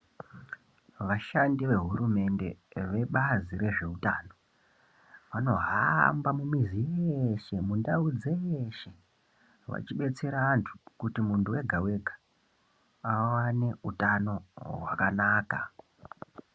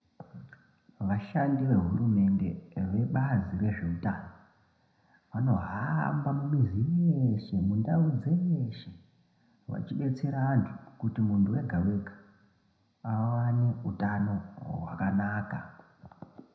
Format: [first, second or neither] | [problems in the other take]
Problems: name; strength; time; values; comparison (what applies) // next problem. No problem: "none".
first | room echo; dies away in 0.8 s